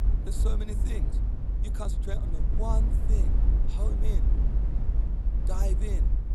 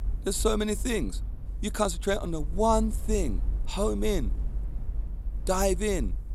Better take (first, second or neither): second